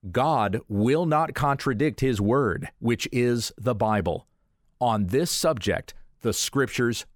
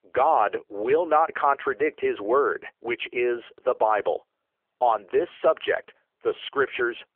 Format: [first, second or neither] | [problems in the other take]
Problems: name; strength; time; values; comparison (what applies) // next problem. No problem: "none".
first | phone-call audio; poor line; nothing above 3.5 kHz